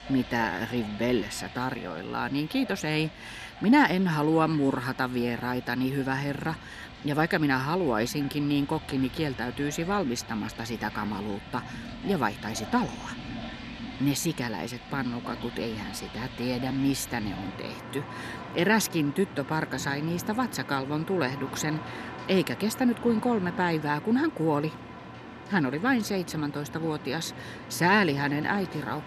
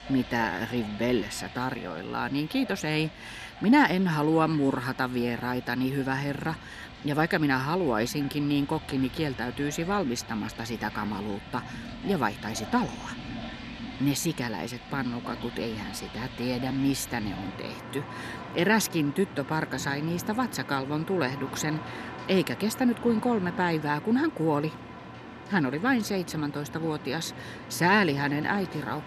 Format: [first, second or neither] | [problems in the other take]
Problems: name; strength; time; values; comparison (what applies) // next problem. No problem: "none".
neither | rain or running water; noticeable; throughout; 15 dB below the speech; the same in both